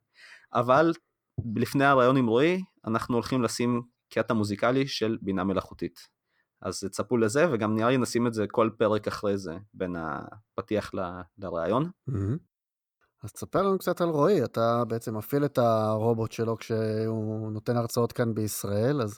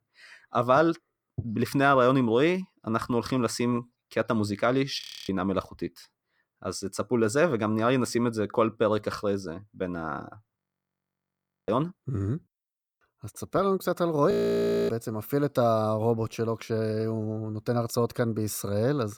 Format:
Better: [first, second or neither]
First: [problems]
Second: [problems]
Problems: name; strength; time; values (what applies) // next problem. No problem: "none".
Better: first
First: none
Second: audio freezing; at 5 s, at 11 s for 1 s and at 14 s for 0.5 s